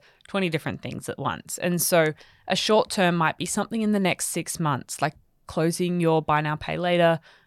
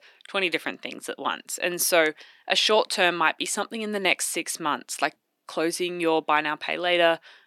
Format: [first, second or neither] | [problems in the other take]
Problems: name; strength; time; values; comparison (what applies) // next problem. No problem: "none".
first | thin; somewhat; fading below 300 Hz